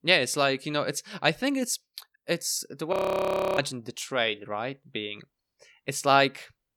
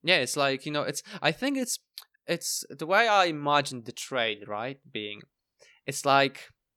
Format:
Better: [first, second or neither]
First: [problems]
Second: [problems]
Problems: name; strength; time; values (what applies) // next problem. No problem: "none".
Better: second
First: audio freezing; at 3 s for 0.5 s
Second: none